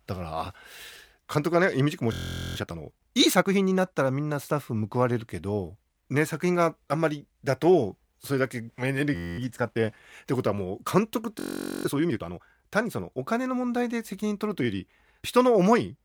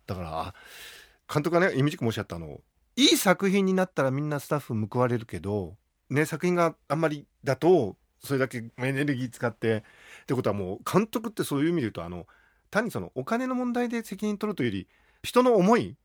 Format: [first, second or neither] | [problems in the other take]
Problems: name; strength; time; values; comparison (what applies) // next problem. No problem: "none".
second | audio freezing; at 2 s, at 9 s and at 11 s